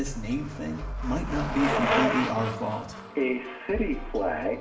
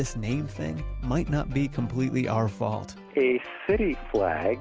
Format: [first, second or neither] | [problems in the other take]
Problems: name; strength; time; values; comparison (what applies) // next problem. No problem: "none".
second | background sound (Bicycle); 4 dB below the speech // room echo; dies away in 0.6 s